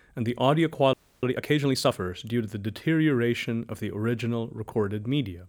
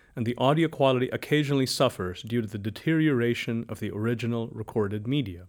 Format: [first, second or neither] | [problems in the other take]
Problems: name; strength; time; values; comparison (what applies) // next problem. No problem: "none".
second | audio freezing; at 1 s